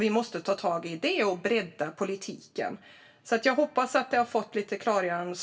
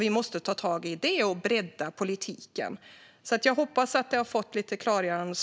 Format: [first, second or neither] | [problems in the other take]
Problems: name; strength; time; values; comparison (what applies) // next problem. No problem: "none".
second | room echo; dies away in 0.2 s